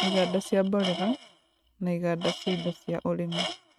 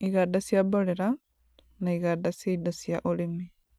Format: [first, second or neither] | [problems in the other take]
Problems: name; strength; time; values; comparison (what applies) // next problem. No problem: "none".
second | noise reduction (neural mask model RNNoise)